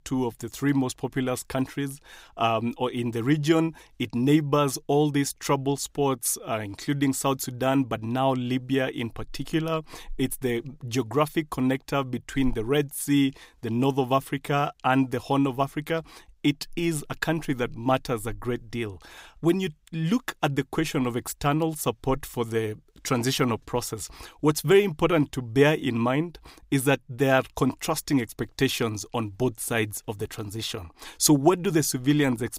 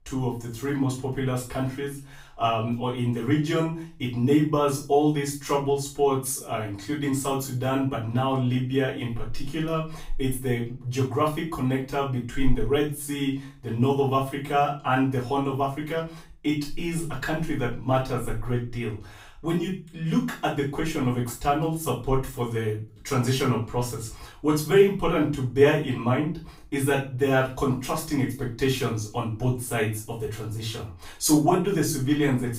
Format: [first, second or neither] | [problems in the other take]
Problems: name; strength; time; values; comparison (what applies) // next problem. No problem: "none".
first | off-mic speech; far // room echo; slight; dies away in 0.3 s